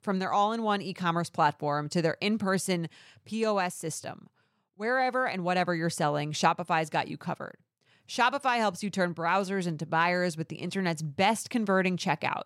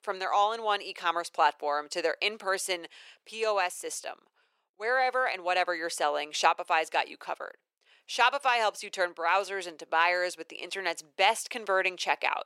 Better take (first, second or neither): first